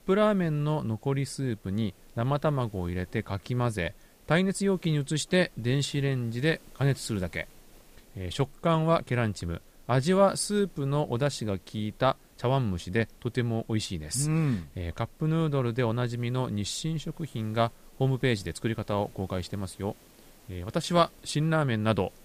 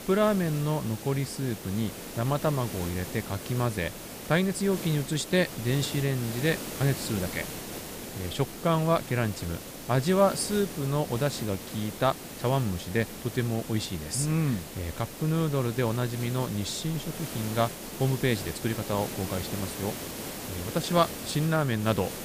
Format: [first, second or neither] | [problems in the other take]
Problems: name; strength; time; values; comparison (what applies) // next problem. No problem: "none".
first | hiss; loud; throughout; 9 dB below the speech; faint in the first